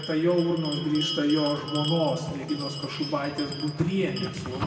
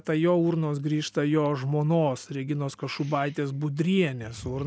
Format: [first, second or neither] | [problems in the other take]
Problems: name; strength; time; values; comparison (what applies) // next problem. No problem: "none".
second | background sound (Bell); 9 dB below the speech // room echo; dies away in 2.1 s